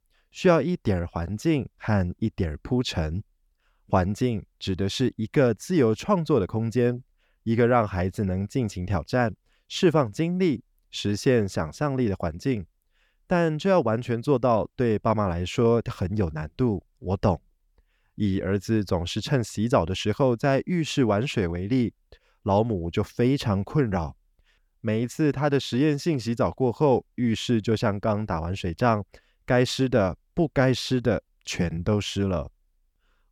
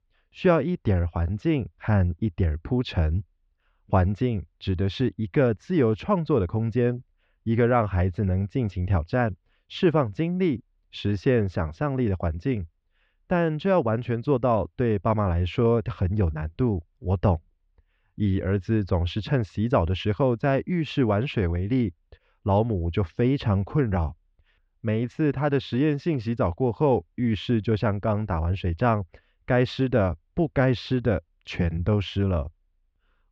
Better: first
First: none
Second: muffled; slightly; fading above 3.5 kHz

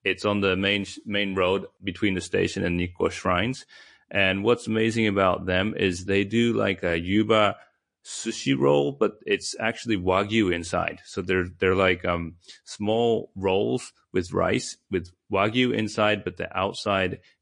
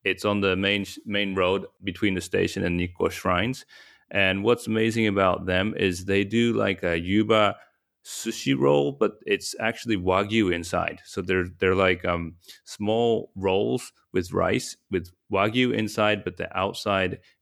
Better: second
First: garbled, watery; slightly; nothing above 8.5 kHz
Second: none

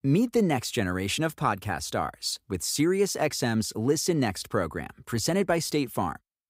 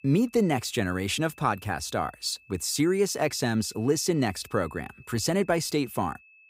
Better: first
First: none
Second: high-pitched whine; faint; throughout; 2.5 kHz, 25 dB below the speech

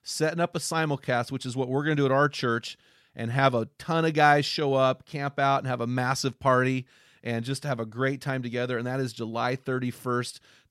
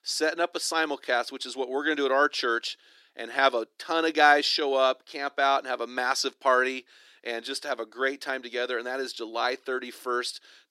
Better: first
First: none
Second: thin; somewhat; fading below 300 Hz

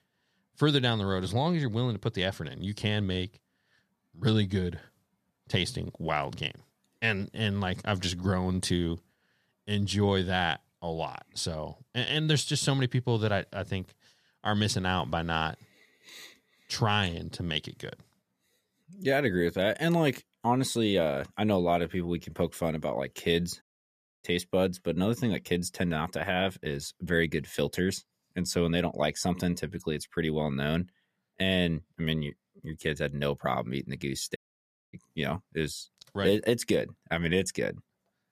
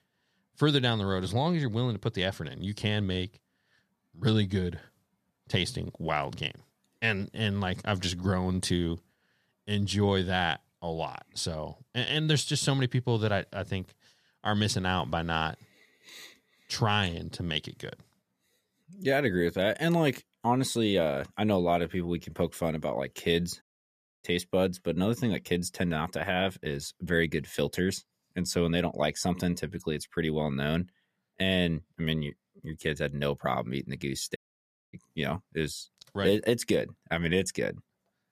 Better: neither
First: audio cutting out; at 24 s for 0.5 s and at 34 s for 0.5 s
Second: audio cutting out; at 24 s for 0.5 s and at 34 s for 0.5 s

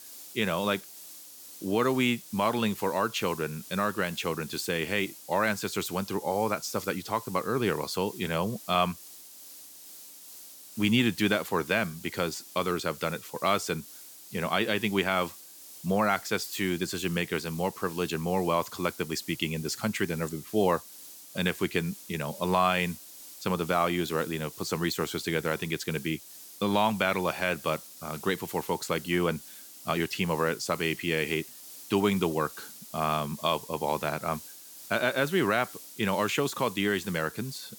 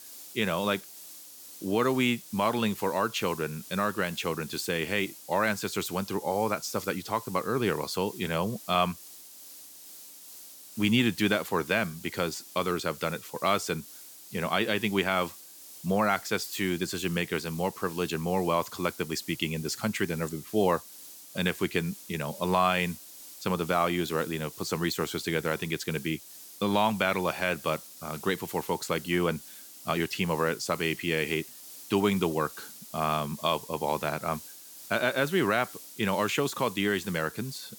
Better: neither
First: hiss; noticeable; throughout; 15 dB below the speech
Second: hiss; noticeable; throughout; 15 dB below the speech

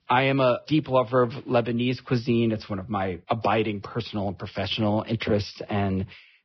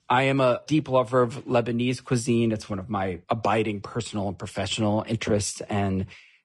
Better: second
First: garbled, watery; badly; nothing above 5.5 kHz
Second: garbled, watery; slightly; nothing above 10.5 kHz

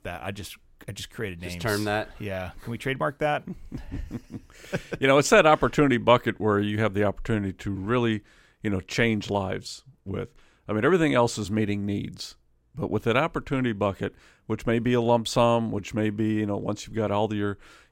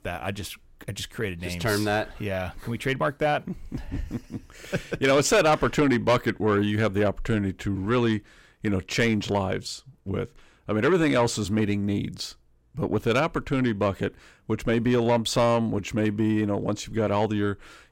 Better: first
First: none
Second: distortion; slight; 10 dB below the speech

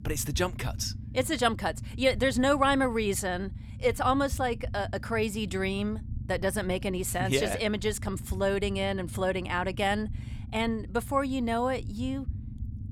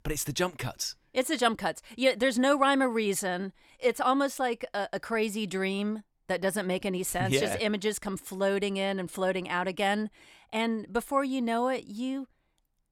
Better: second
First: low rumble; faint; throughout; 25 dB below the speech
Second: none

